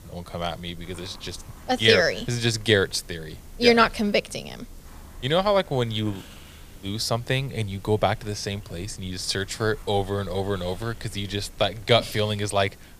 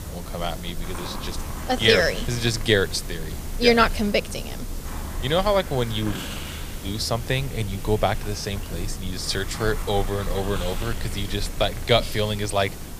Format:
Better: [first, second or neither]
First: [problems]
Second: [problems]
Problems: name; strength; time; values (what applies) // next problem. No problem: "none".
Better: first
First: hiss; faint; throughout; 20 dB below the speech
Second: hiss; loud; throughout; 10 dB below the speech